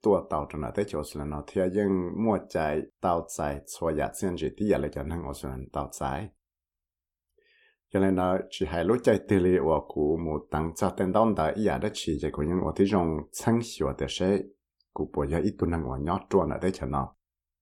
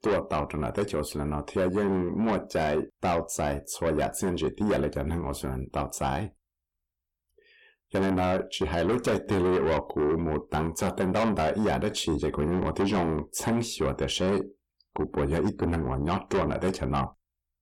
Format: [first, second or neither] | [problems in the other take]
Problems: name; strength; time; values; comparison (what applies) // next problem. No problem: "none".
first | distortion; heavy; 7 dB below the speech